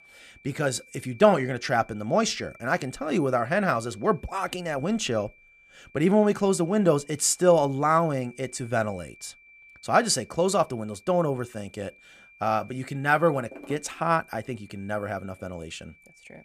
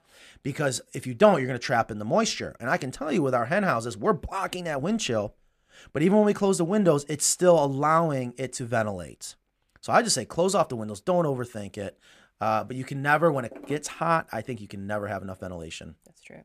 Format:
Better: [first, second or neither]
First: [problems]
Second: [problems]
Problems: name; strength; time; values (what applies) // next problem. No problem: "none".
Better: second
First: high-pitched whine; faint; throughout; 2.5 kHz, 25 dB below the speech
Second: none